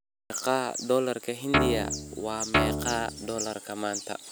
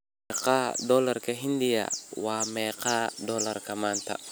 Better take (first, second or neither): second